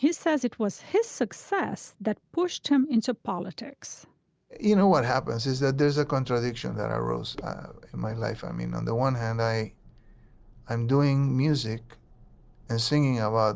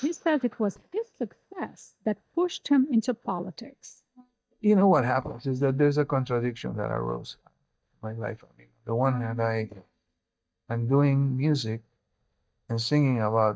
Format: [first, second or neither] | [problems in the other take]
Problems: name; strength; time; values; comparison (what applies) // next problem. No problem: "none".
first | noise reduction (neural mask model DeepFilterNet 3)